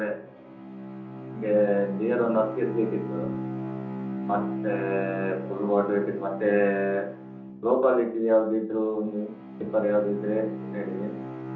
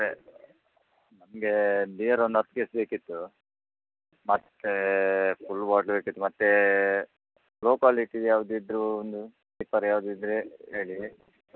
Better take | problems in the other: second | background sound (Bowed string instrument); 9 dB below the speech // room echo; dies away in 0.6 s

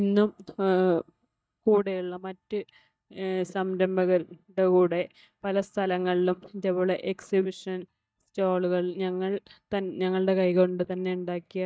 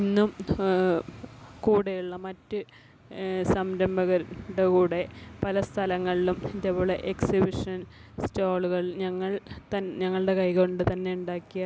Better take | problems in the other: second | noise reduction (neural mask model DeepFilterNet 3)

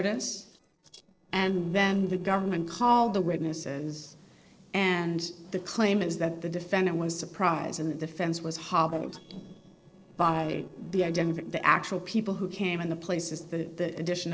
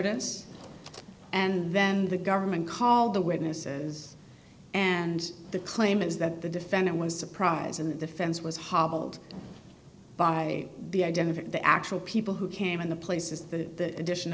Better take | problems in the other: second | noise reduction (neural separator model SepFormer DNS4)

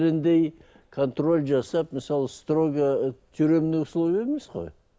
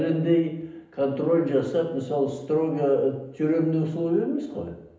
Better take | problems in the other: first | room echo; dies away in 0.8 s

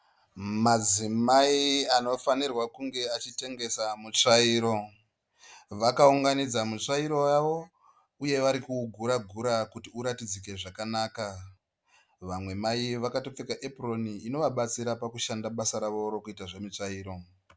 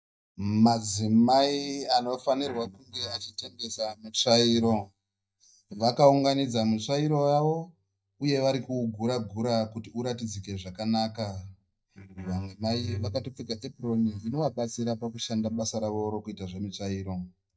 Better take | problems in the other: first | noise reduction (neural mask model DeepFilterNet 3)

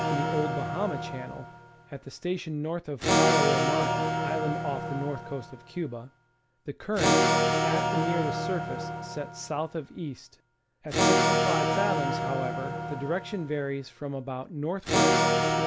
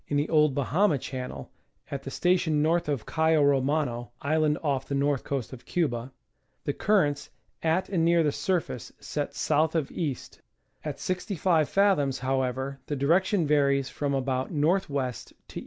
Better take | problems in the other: second | background sound (Electric guitar / Acoustic guitar); 5 dB above the speech

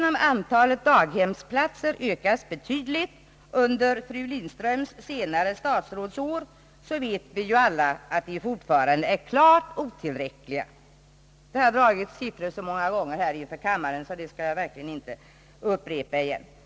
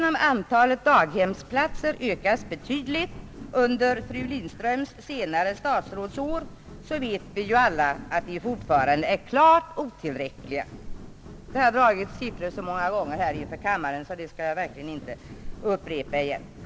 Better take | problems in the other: first | background sound (Walk, footsteps); 15 dB below the speech

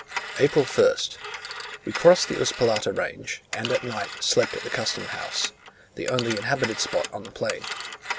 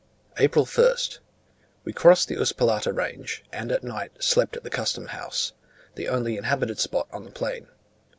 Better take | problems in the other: second | background sound (Telephone); 10 dB below the speech

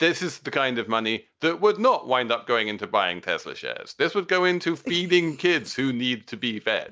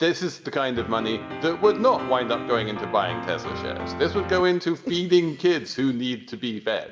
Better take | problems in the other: first | background sound (Piano); 8 dB below the speech // room echo; dies away in 1.4 s

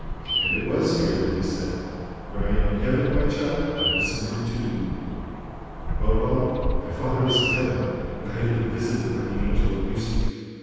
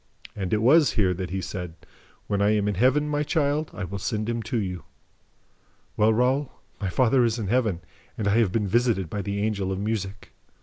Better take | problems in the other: second | background sound (Bird vocalization, bird call, bird song); 1 dB below the speech // room echo; dies away in 2.1 s

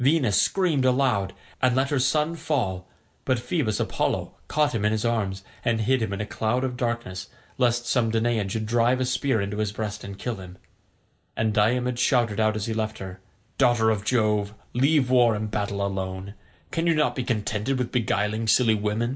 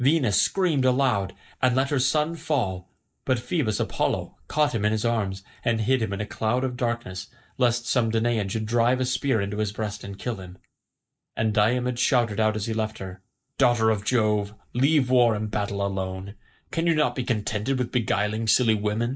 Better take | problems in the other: first | noise reduction (neural mask model Resemble Enhance denoiser)

